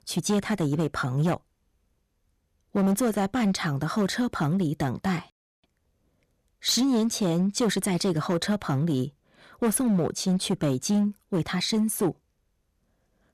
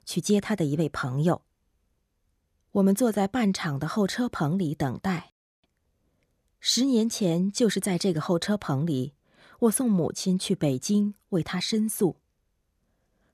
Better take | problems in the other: second | distortion; slight; 8% of the sound clipped

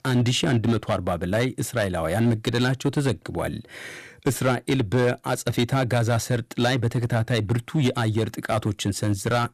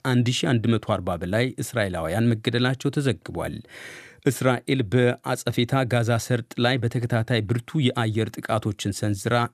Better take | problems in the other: second | distortion; slight; 6% of the sound clipped

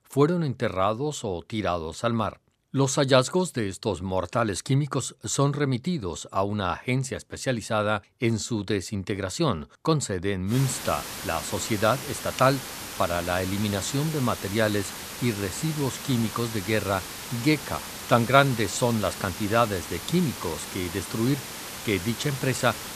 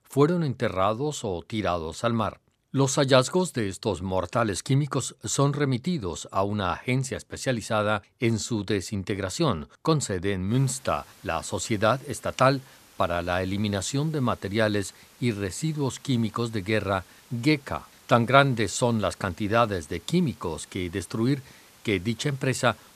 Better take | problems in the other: second | hiss; loud; from 11 s on; 9 dB below the speech; faint in the second

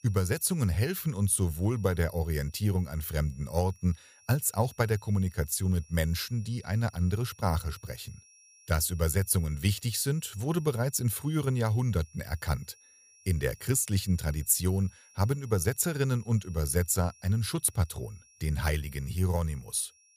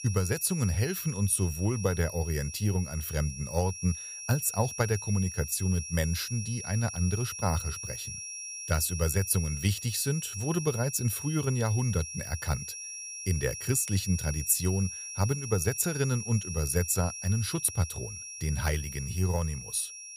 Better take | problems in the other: first | high-pitched whine; loud; throughout; 5.5 kHz, 8 dB below the speech; faint in the first

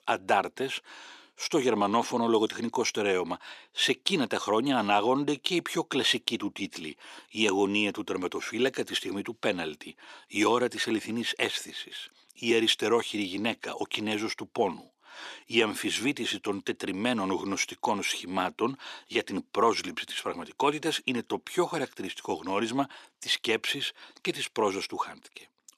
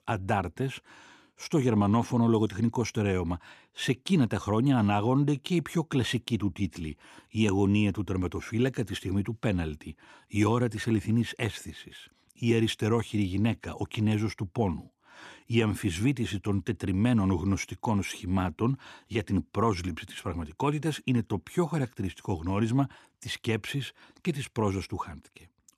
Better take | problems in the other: second | thin; somewhat; fading below 450 Hz

